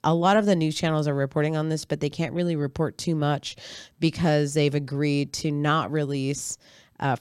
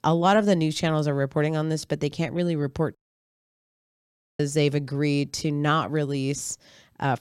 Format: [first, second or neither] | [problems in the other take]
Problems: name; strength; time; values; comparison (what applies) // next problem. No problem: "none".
first | audio cutting out; at 3 s for 1.5 s